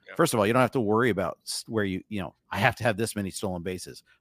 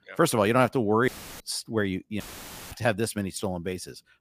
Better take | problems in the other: first | audio cutting out; filled with static; at 1 s and at 2 s for 0.5 s

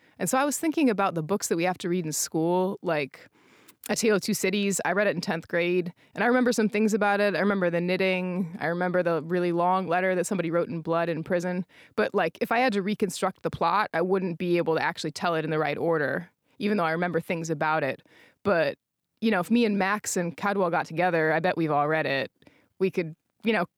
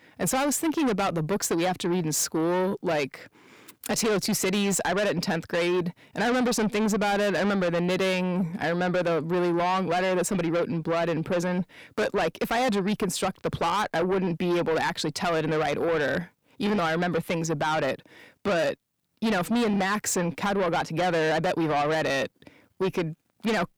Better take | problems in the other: first | distortion; heavy; 7 dB below the speech

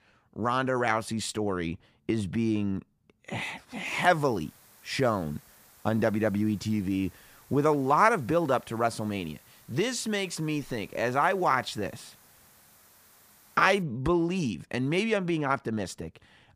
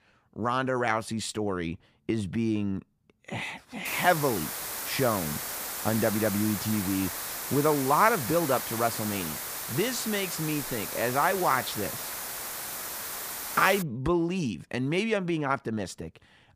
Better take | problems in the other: first | hiss; loud; from 4 to 14 s; 5 dB below the speech; faint in the first

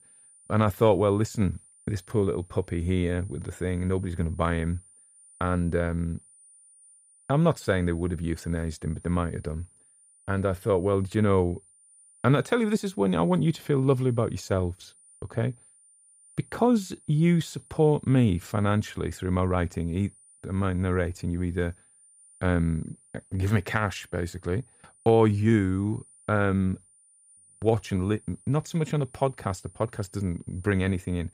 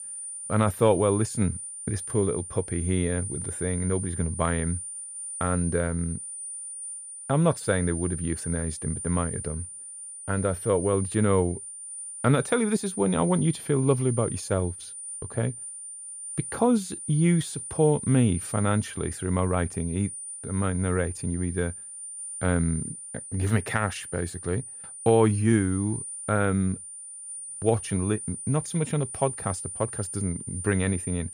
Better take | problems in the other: first | high-pitched whine; loud; throughout; 9.5 kHz, 8 dB below the speech; faint in the first

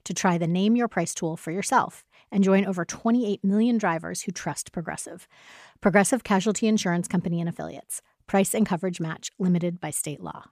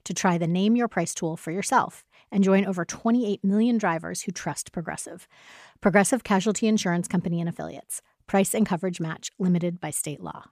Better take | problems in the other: neither | none

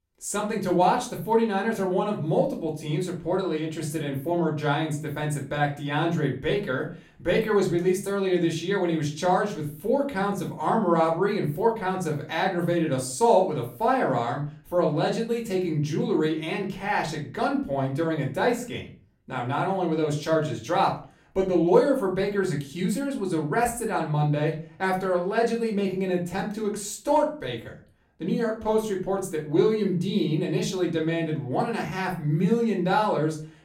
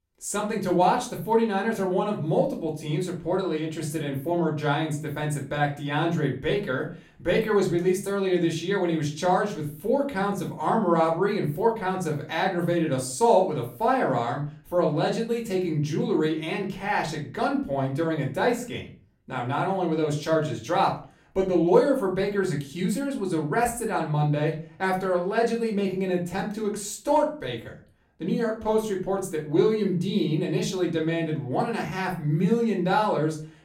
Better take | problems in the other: neither | room echo; slight; dies away in 0.3 s; the same in both // off-mic speech; far; the same in both

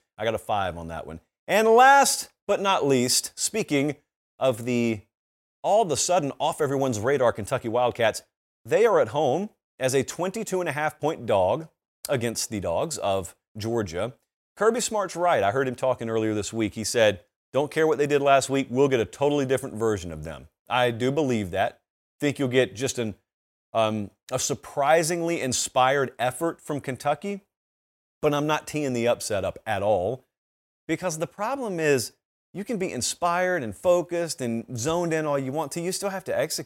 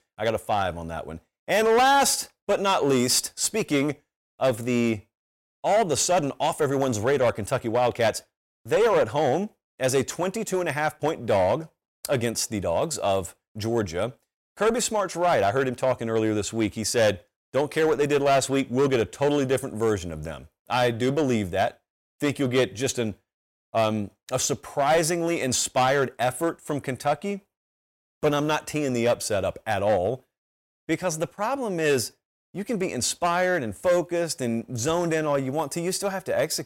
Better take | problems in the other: first | distortion; slight; 6% of the sound clipped

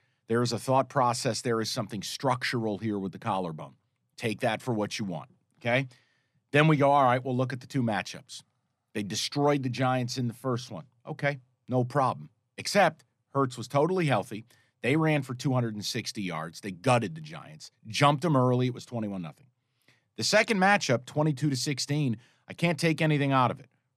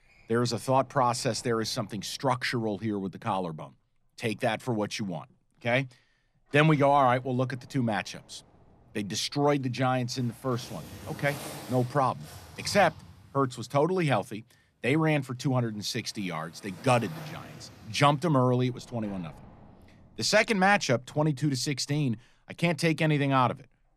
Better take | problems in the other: first | household noises; faint; throughout; 20 dB below the speech

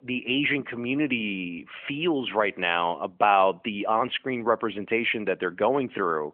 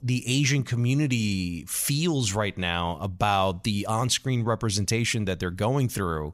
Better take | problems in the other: second | phone-call audio; nothing above 3 kHz

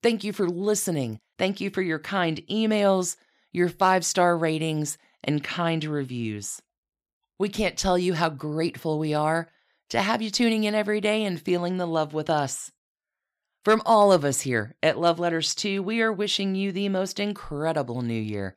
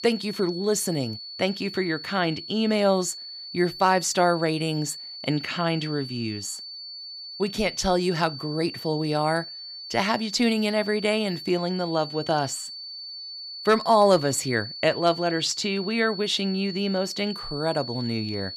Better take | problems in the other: first | high-pitched whine; noticeable; throughout; 4.5 kHz, 10 dB below the speech

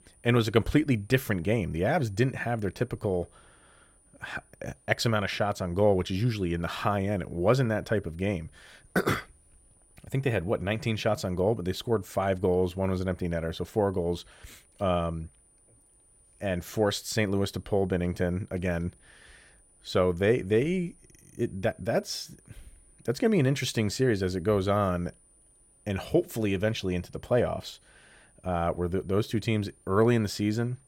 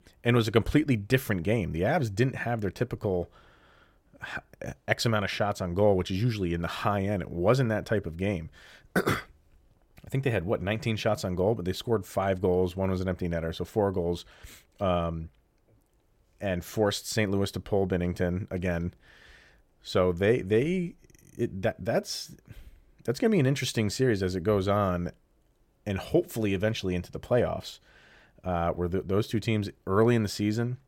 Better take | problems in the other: second | high-pitched whine; faint; throughout; 9.5 kHz, 30 dB below the speech

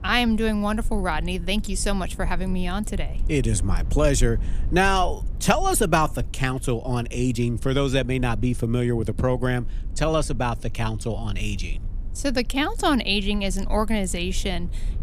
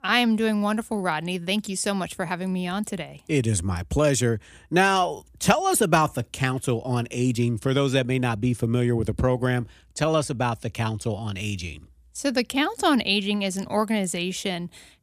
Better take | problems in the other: second | low rumble; faint; throughout; 25 dB below the speech

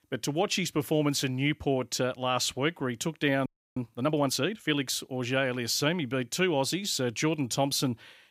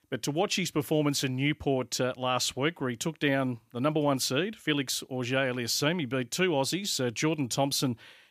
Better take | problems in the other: second | audio freezing; at 3.5 s

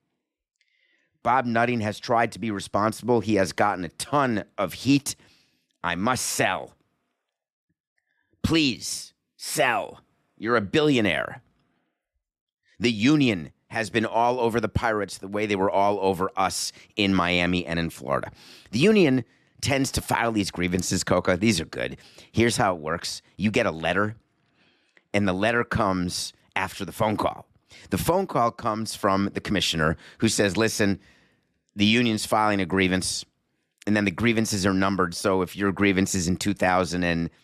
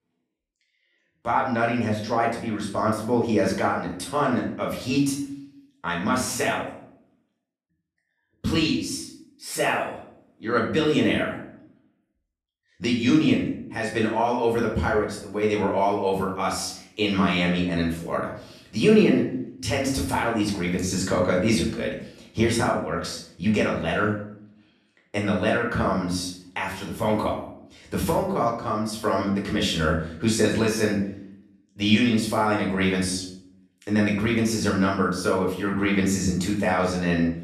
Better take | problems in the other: first | room echo; noticeable; dies away in 0.6 s // off-mic speech; far

